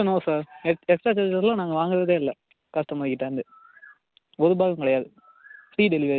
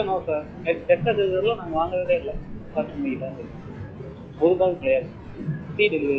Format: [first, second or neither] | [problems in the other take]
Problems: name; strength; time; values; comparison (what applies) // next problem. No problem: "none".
first | noise reduction (classical method log-MMSE)